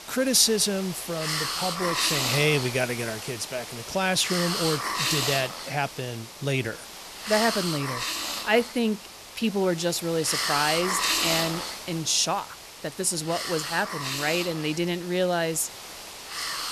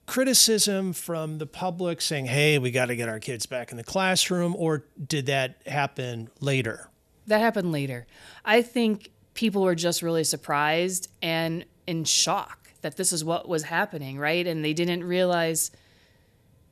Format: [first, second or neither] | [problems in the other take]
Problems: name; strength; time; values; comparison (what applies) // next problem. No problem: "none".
second | hiss; loud; throughout; 3 dB below the speech